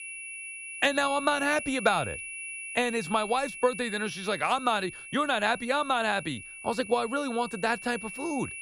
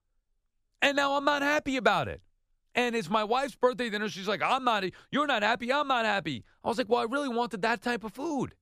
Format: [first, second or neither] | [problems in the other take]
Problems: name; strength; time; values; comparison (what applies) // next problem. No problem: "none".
second | high-pitched whine; loud; throughout; 2.5 kHz, 10 dB below the speech